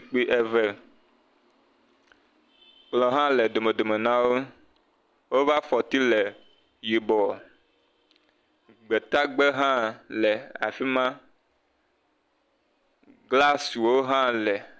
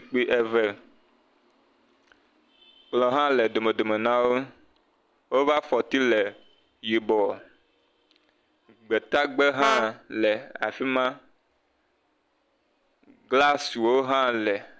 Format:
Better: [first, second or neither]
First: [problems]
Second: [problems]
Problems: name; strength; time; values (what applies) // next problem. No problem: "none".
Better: first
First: none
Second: background sound (Brass instrument); 4 dB below the speech